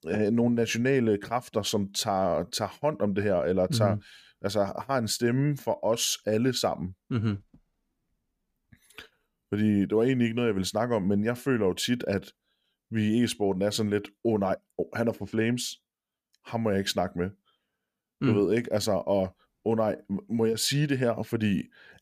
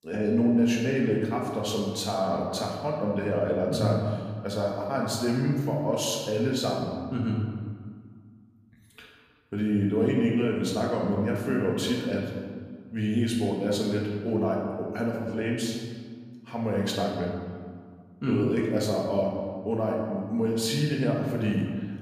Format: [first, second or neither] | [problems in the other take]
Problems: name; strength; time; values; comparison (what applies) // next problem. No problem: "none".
first | room echo; noticeable; dies away in 1.6 s // off-mic speech; far